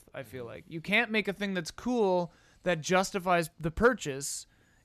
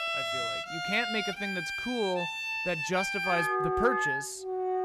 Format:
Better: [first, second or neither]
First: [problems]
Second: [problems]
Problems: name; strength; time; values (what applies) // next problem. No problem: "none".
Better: first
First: none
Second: background music; very loud; throughout; 2 dB above the speech